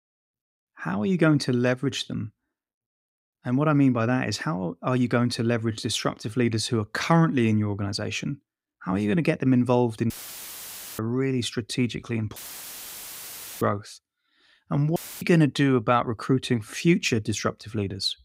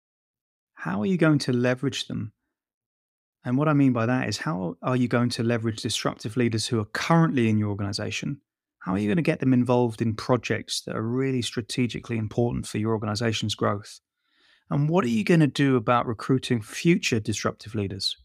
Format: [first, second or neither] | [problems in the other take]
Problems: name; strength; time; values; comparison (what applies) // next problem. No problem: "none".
second | audio cutting out; filled with static; at 10 s for 1 s, at 12 s for 1.5 s and at 15 s